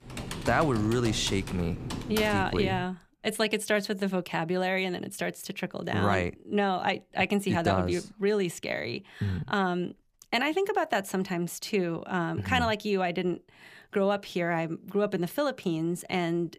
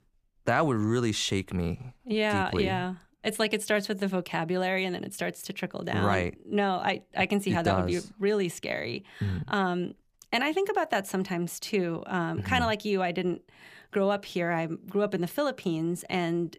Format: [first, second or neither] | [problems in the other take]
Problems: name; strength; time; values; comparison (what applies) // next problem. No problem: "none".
second | keyboard typing; noticeable; until 3 s; peak 5 dB below the speech